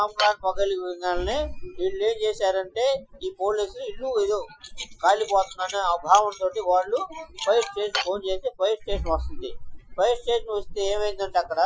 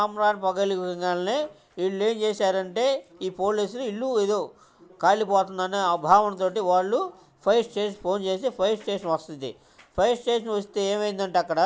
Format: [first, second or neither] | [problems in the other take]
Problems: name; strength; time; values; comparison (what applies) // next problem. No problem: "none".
second | noise reduction (classical method Wiener filter)